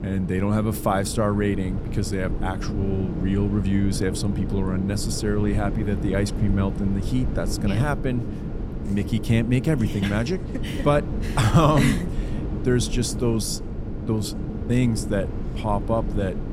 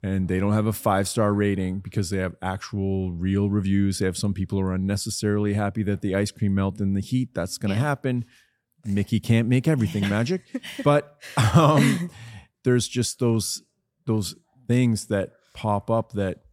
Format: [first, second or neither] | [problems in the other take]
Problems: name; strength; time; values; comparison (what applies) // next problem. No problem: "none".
second | low rumble; loud; throughout; 10 dB below the speech